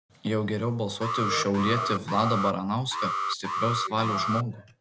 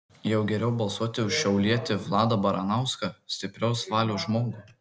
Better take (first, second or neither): second